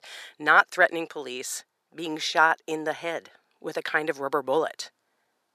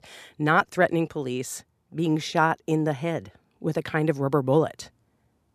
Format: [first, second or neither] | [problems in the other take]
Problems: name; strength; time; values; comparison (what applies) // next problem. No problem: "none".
second | thin; very; fading below 550 Hz